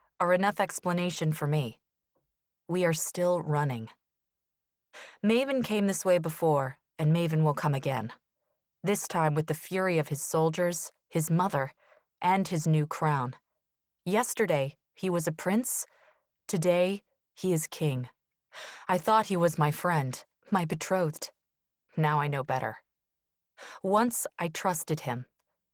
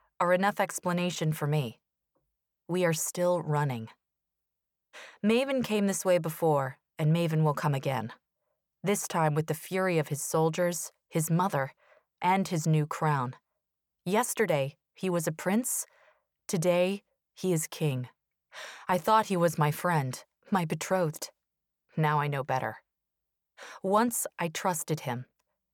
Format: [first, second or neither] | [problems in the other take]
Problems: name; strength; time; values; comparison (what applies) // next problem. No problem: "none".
second | garbled, watery; slightly